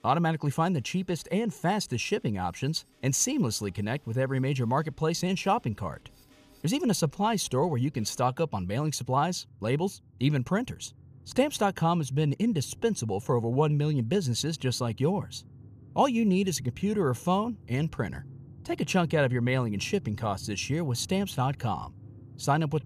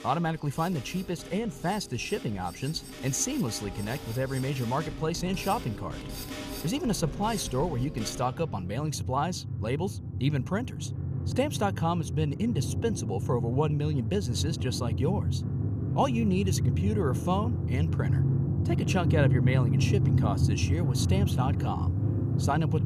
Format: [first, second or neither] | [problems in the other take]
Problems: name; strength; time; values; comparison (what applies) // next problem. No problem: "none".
first | background music; loud; throughout; as loud as the speech; faint in the first